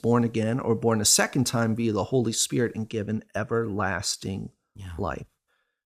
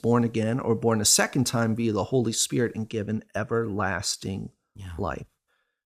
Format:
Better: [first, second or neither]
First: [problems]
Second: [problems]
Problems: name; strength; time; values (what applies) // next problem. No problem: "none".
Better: neither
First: none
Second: none